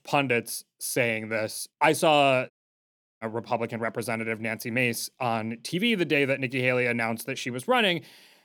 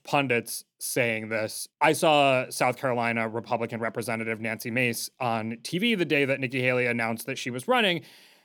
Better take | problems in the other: second | audio cutting out; at 2.5 s for 0.5 s

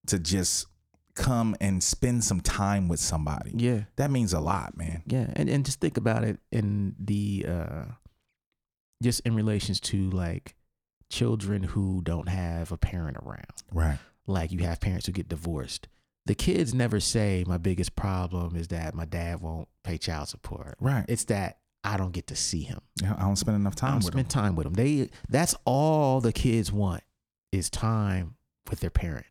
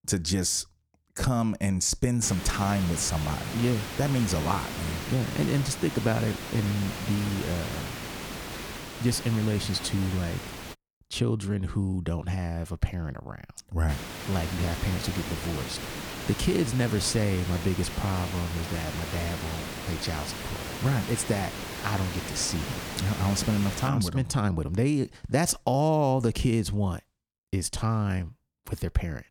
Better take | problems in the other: first | hiss; loud; from 2 to 11 s and from 14 to 24 s; 7 dB below the speech

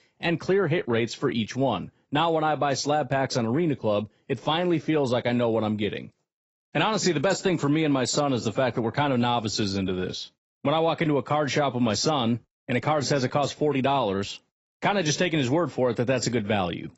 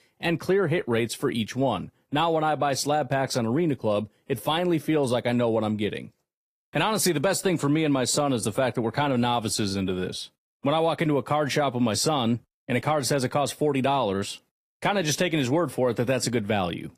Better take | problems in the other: second | garbled, watery; badly; nothing above 8 kHz; slightly in the second

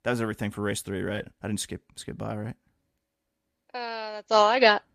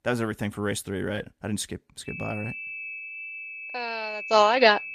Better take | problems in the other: first | high-pitched whine; loud; from 2 s on; 2.5 kHz, 9 dB below the speech

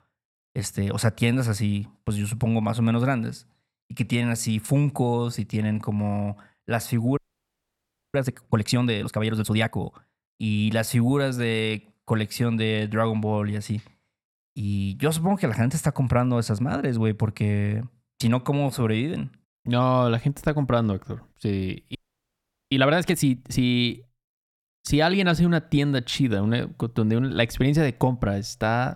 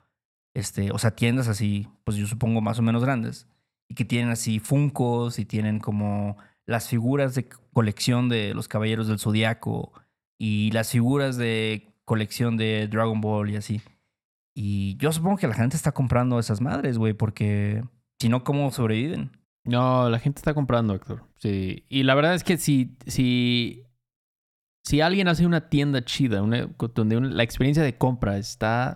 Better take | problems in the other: second | audio freezing; at 7 s for 1 s and at 22 s for 1 s

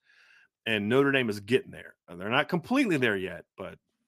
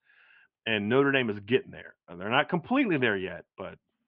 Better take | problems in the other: first | muffled; very slightly; fading above 3 kHz

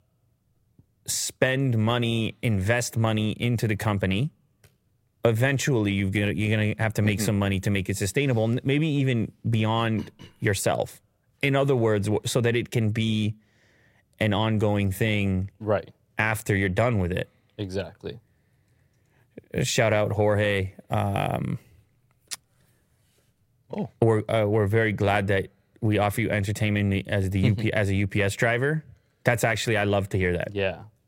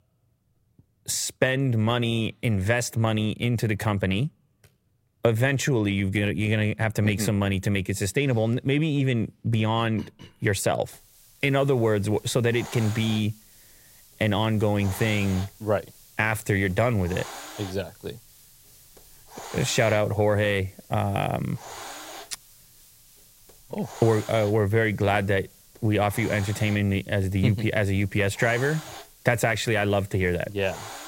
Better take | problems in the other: first | hiss; noticeable; from 11 s on; 20 dB below the speech

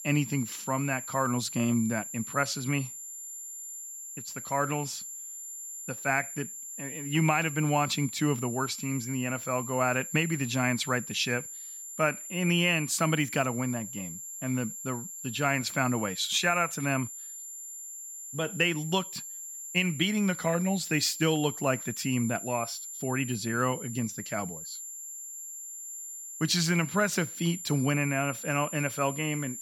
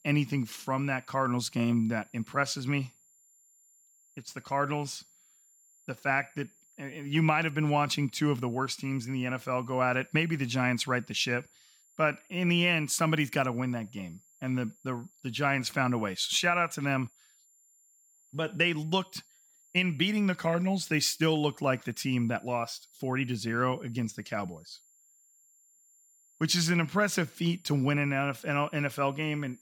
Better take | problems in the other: second | high-pitched whine; loud; throughout; 7.5 kHz, 9 dB below the speech; faint in the second

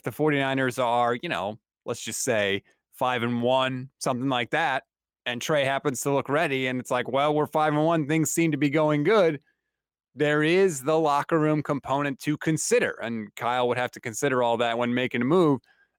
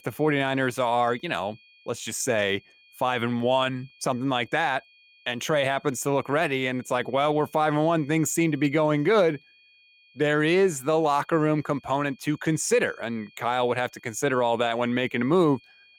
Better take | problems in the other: first | high-pitched whine; faint; throughout; 2.5 kHz, 30 dB below the speech

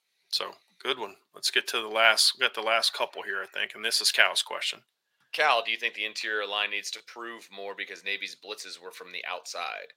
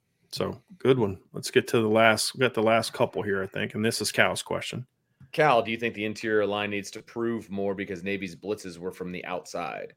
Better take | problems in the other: second | thin; very; fading below 850 Hz

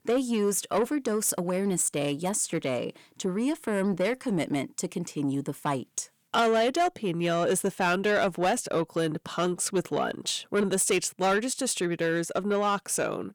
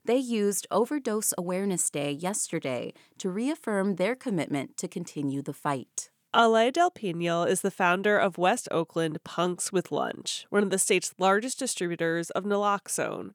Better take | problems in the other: second | distortion; slight; 10 dB below the speech

